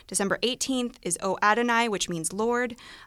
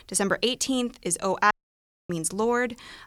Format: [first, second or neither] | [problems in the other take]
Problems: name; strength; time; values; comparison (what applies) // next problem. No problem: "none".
first | audio cutting out; at 1.5 s for 0.5 s